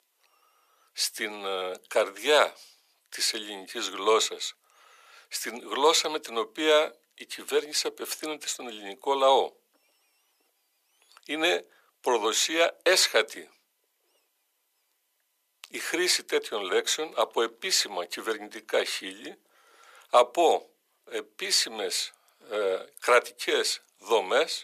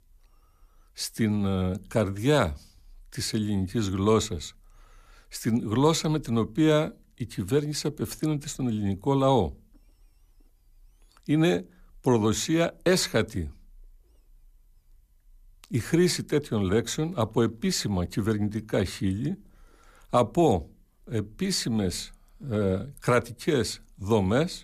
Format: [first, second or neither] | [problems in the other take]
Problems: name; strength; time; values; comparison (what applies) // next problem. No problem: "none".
second | thin; very; fading below 450 Hz